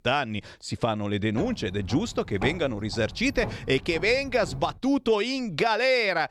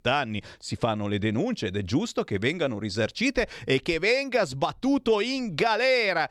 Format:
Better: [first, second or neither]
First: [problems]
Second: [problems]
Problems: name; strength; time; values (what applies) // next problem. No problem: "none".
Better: second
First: footsteps; noticeable; from 1.5 to 4.5 s; peak 9 dB below the speech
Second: none